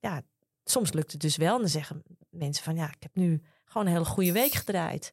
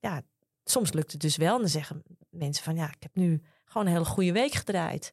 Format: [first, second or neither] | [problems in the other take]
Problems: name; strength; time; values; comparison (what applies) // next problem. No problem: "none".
second | jangling keys; noticeable; at 4 s; peak level with the speech